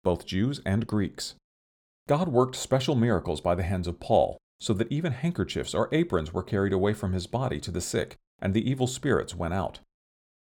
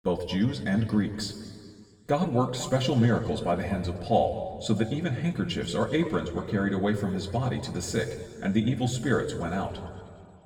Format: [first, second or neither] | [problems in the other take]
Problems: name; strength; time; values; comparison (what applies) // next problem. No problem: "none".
first | room echo; noticeable; dies away in 1.7 s // off-mic speech; somewhat distant